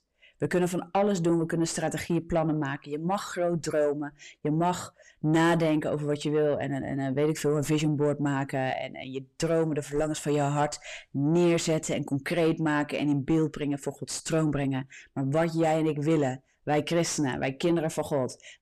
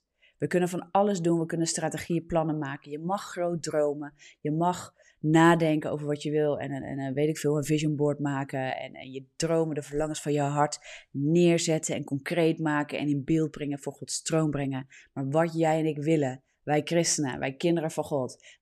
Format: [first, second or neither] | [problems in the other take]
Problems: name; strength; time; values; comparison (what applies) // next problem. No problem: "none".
second | distortion; slight; 10 dB below the speech